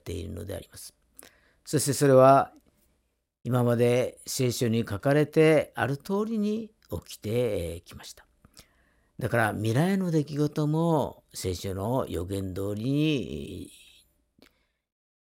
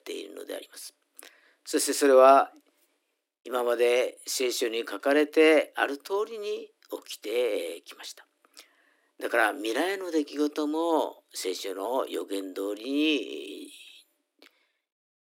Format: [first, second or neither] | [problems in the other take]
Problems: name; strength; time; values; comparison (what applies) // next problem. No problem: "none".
first | thin; somewhat; fading below 300 Hz